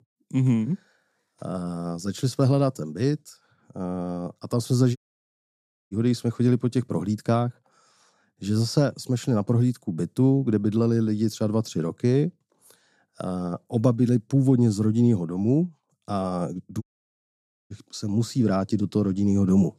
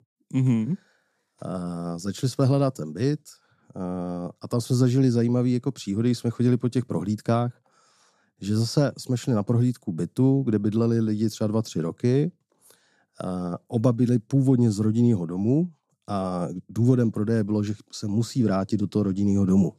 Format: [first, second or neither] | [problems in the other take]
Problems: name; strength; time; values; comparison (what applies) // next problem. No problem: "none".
second | audio cutting out; at 5 s for 1 s and at 17 s for 1 s